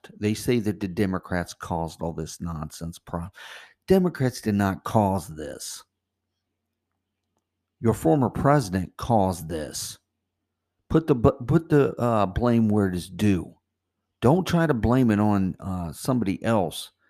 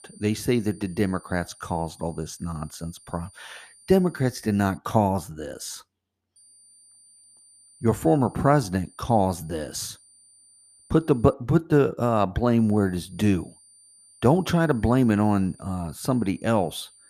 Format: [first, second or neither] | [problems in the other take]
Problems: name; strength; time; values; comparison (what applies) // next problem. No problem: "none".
first | high-pitched whine; faint; until 5 s, from 6.5 to 11 s and from 13 s on; 9 kHz, 25 dB below the speech